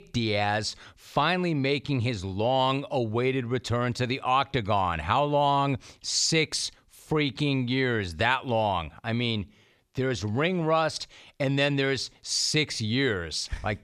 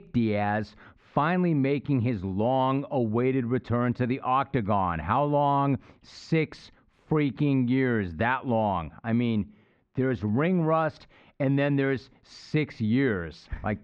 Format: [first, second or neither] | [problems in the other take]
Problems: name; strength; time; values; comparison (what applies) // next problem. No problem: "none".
first | muffled; very; fading above 1.5 kHz